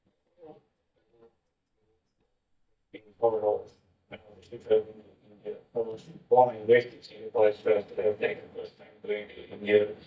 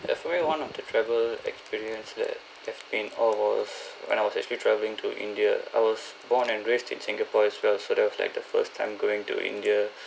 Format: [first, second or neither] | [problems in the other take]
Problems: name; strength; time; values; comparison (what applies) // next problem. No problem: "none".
second | noise reduction (neural mask model DeepFilterNet 3)